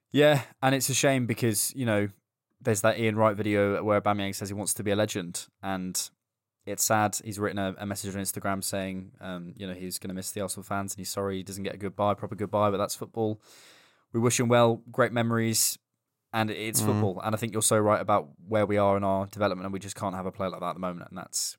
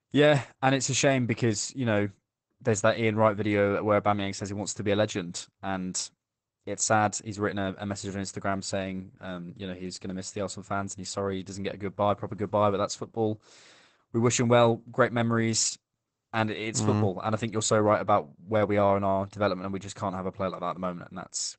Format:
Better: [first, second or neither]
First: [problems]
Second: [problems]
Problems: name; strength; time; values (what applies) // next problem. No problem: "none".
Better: first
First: none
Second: garbled, watery; badly; nothing above 8 kHz